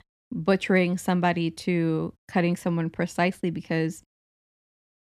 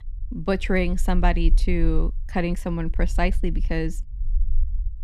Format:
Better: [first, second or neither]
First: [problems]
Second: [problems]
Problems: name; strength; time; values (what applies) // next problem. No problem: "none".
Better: first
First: none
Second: low rumble; faint; throughout; 25 dB below the speech